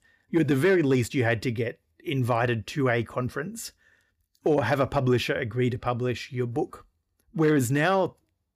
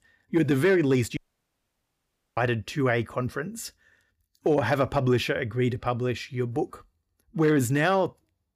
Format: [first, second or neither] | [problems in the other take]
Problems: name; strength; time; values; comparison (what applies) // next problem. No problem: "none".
first | audio cutting out; at 1 s for 1 s